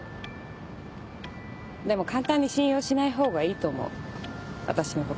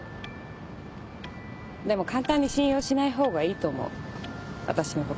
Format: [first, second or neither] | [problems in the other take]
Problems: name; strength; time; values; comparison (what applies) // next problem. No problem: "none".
first | background sound (Fireworks); 15 dB below the speech